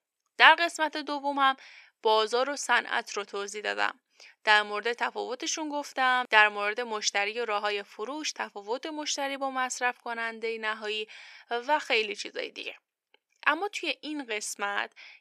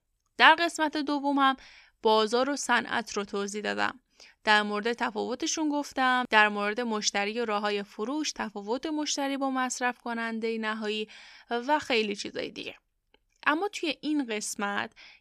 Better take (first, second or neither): second